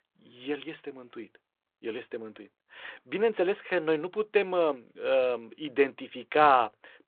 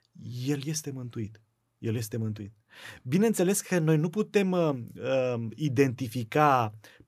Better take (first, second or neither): second